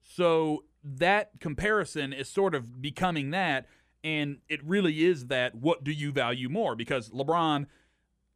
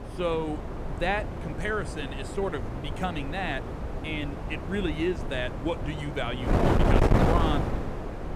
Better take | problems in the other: first | wind noise on the microphone; heavy; 2 dB below the speech

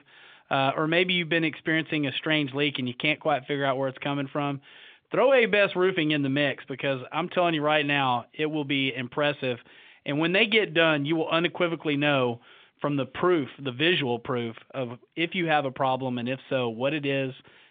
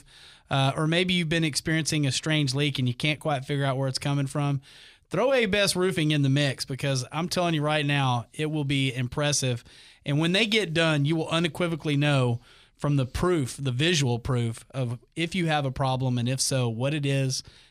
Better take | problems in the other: second | phone-call audio

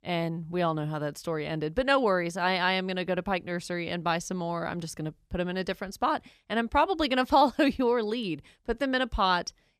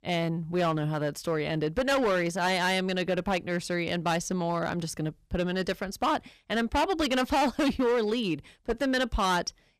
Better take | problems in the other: first | distortion; heavy; 10% of the sound clipped

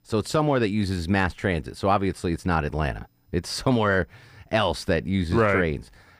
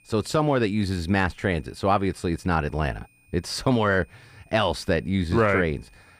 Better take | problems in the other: first | high-pitched whine; faint; throughout; 2.5 kHz, 35 dB below the speech

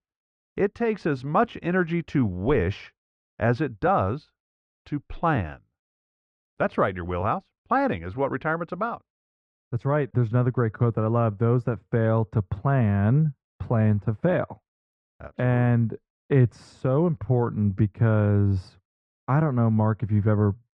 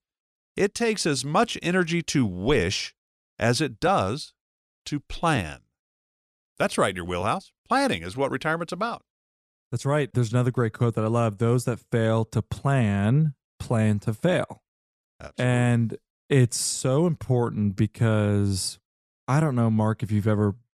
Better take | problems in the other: second | muffled; very; fading above 1.5 kHz

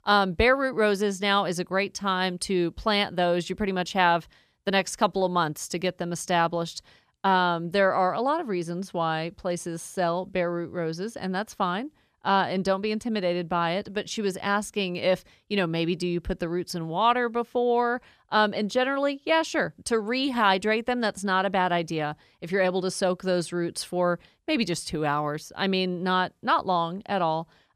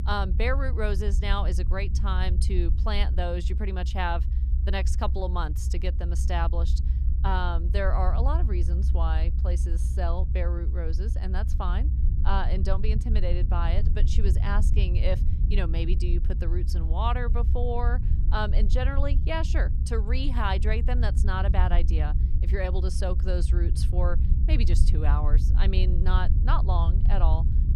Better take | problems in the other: first | low rumble; noticeable; throughout; 10 dB below the speech

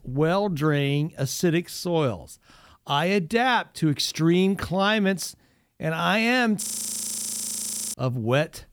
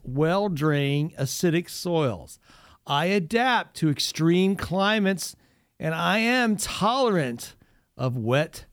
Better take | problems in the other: second | audio freezing; at 6.5 s for 1.5 s

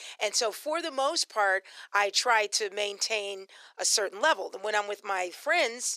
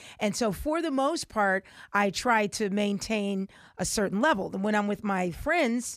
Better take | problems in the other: second | thin; very; fading below 400 Hz

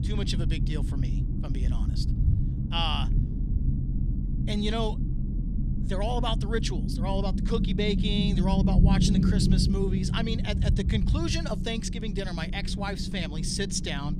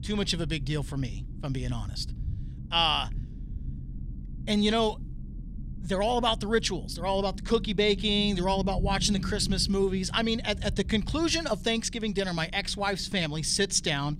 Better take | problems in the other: second | low rumble; loud; throughout; 6 dB below the speech; faint in the second

